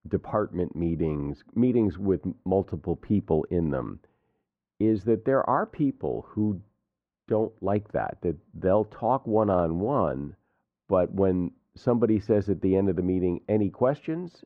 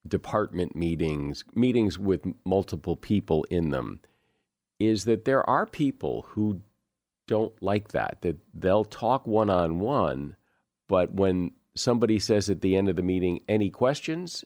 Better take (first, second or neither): second